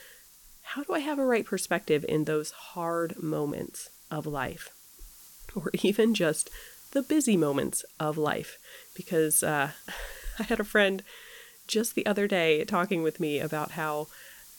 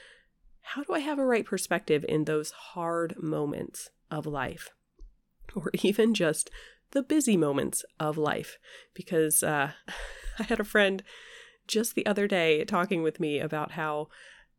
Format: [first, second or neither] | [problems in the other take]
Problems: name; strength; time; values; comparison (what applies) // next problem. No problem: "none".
second | hiss; faint; throughout; 20 dB below the speech